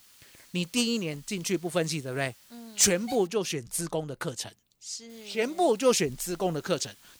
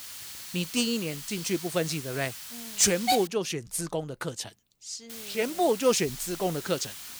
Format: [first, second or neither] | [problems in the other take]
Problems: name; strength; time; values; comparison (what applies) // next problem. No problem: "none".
first | hiss; loud; until 3.5 s and from 5 s on; 7 dB below the speech; faint in the first